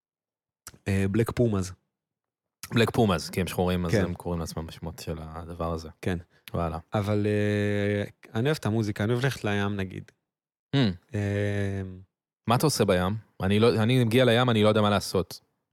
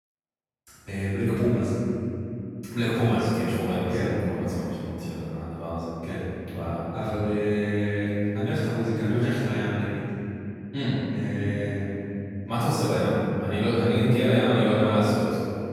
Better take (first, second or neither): first